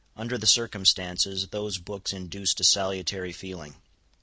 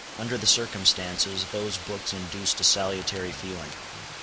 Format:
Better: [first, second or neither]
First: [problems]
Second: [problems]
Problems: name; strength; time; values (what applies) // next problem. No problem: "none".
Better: first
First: none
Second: background sound (Fire + Water); 10 dB below the speech